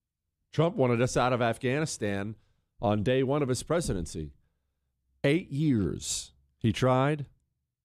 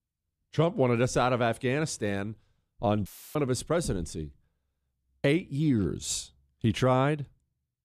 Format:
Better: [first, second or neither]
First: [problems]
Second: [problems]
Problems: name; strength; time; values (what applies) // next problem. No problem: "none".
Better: first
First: none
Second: audio cutting out; filled with static; at 3 s